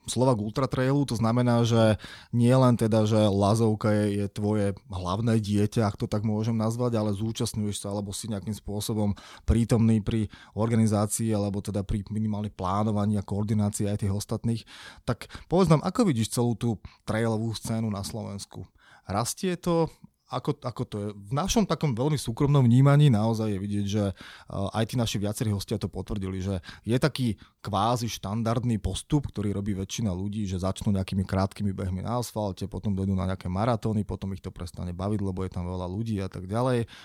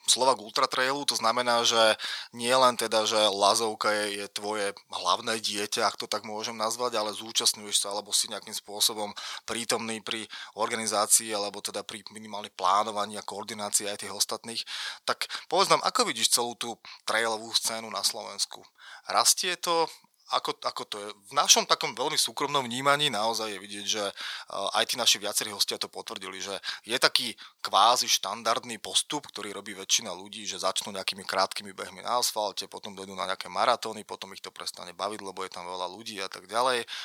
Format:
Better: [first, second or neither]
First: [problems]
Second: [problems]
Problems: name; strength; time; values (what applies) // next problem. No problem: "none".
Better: first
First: none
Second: thin; very; fading below 850 Hz